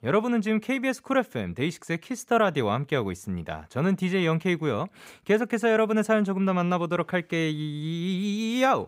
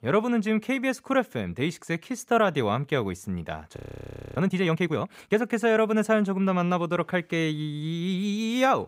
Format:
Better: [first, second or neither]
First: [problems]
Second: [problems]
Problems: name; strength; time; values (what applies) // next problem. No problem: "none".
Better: first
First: none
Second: audio freezing; at 4 s for 0.5 s